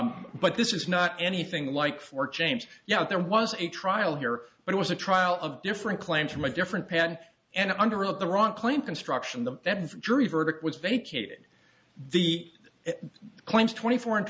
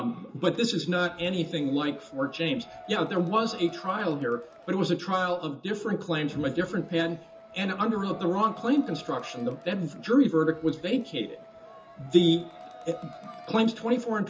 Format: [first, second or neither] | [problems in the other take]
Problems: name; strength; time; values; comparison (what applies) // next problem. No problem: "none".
first | background sound (Crowd); 19 dB below the speech // room echo; dies away in 0.2 s